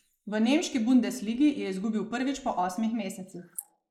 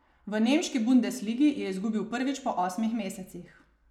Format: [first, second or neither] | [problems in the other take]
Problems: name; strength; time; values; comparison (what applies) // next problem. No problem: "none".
second | noise reduction (neural mask model Resemble Enhance denoiser)